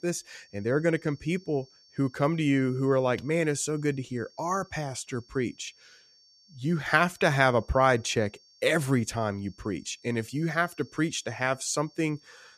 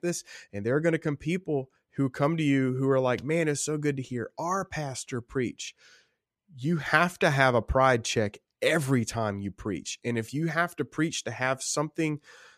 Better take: second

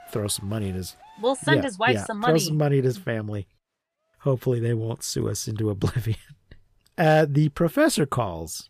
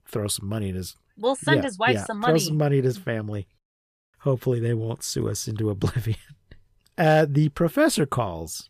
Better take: second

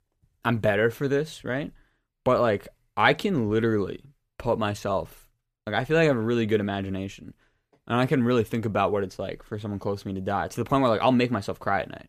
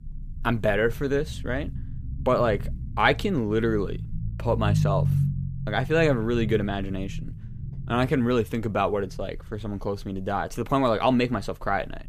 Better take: first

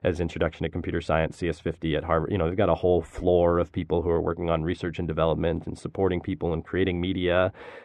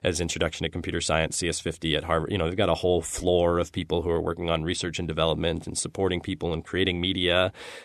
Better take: second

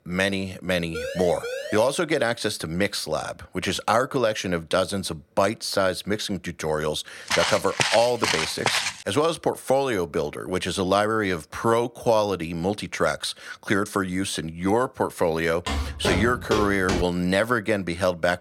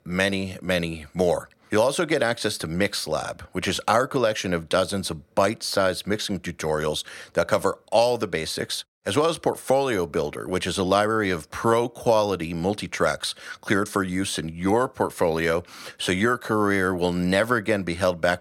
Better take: second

